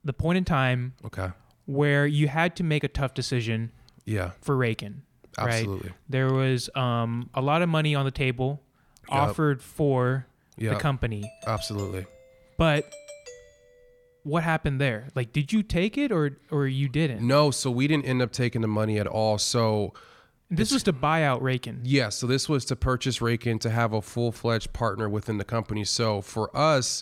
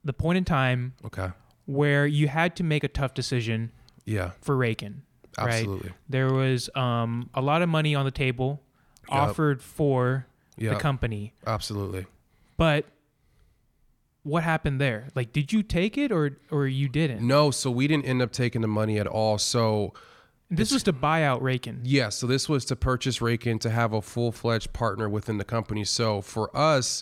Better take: second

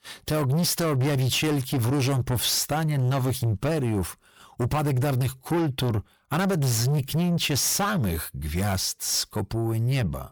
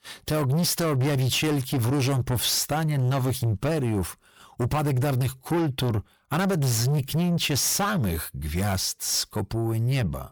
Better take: neither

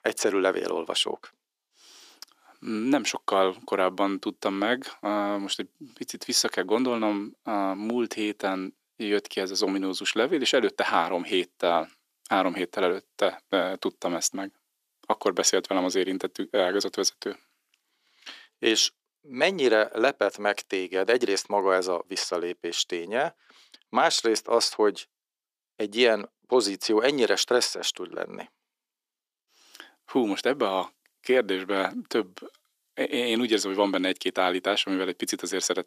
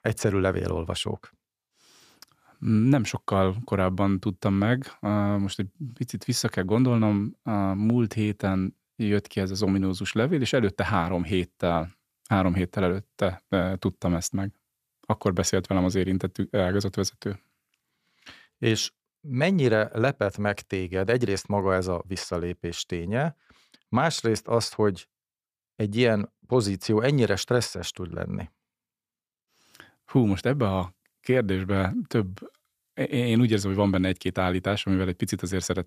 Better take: second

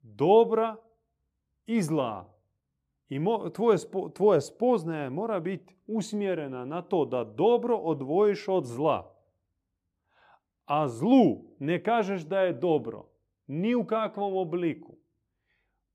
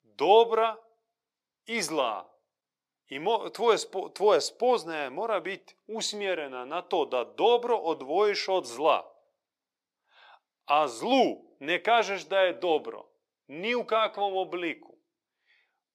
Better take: first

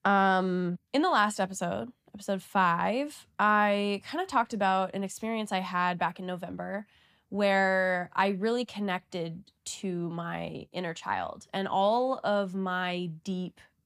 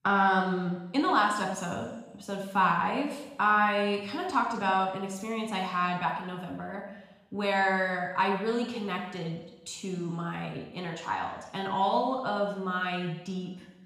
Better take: first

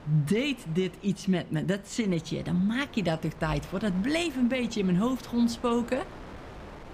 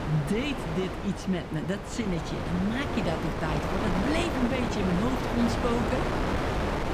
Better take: first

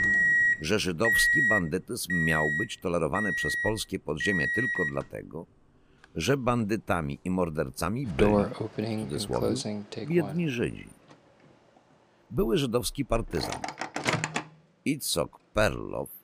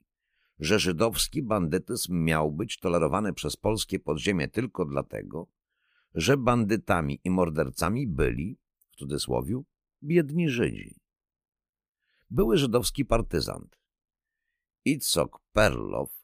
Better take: second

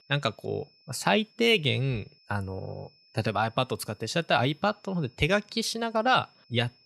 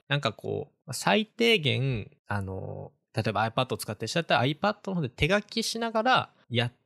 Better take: second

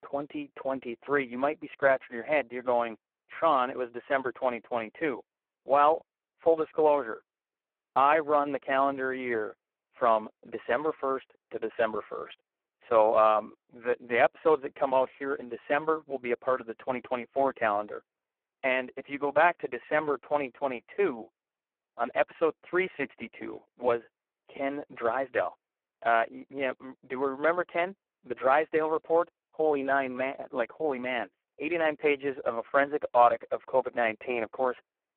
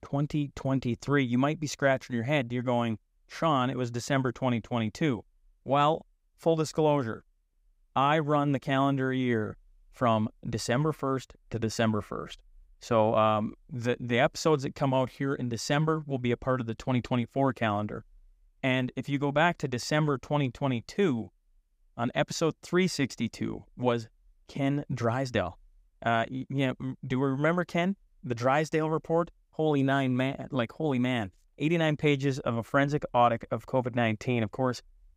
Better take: second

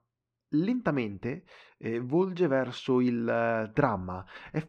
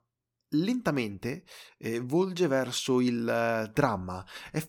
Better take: second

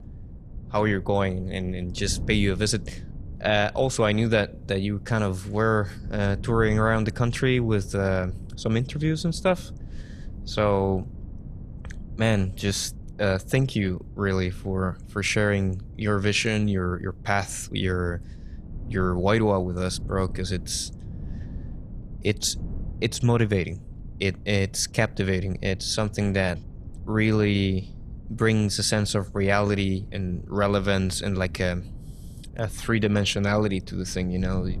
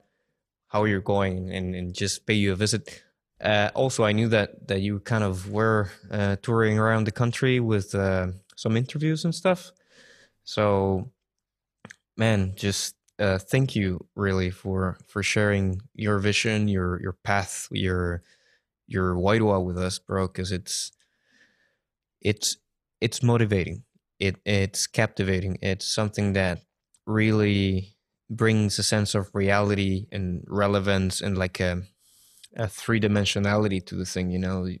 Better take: second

